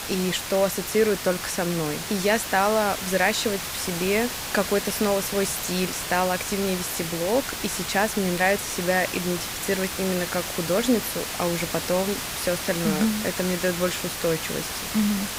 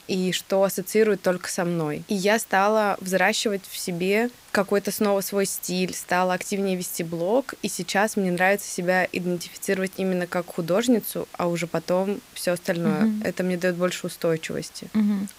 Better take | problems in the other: second | hiss; loud; throughout; 4 dB below the speech; faint in the second

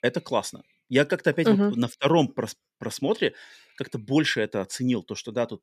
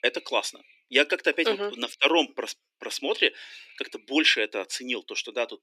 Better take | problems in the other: first | thin; somewhat; fading below 300 Hz

